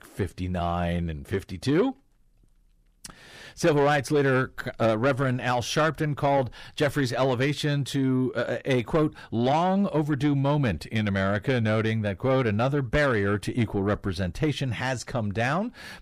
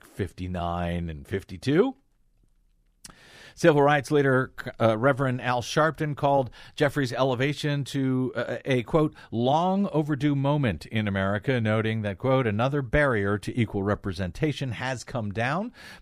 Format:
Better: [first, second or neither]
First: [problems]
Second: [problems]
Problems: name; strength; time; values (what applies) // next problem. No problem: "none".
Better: second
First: distortion; slight; 10 dB below the speech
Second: none